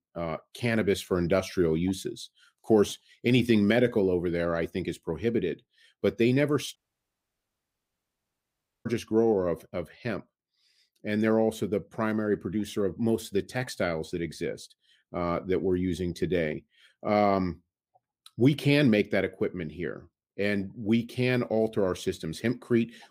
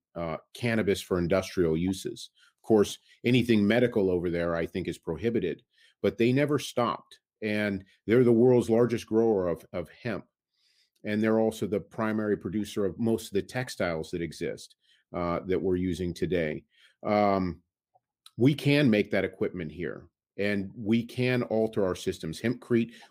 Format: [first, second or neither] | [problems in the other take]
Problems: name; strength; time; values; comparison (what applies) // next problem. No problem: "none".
second | audio cutting out; at 7 s for 2 s